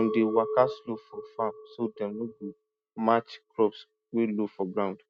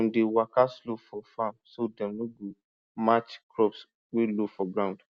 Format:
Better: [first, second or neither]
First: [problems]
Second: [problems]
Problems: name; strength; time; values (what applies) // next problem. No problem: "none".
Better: second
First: noise reduction (neural mask model RNNoise)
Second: none